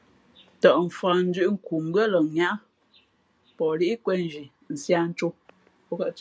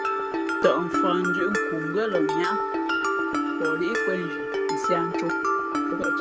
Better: first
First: none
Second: background sound (Mallet percussion); 3 dB above the speech

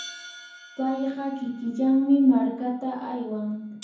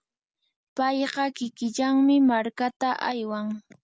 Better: second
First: background sound (Hi-hat); 18 dB below the speech // room echo; dies away in 0.7 s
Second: none

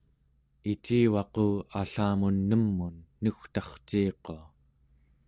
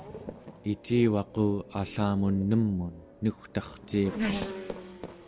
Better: first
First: none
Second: background sound (Race car, auto racing / Accelerating, revving, vroom); 10 dB below the speech

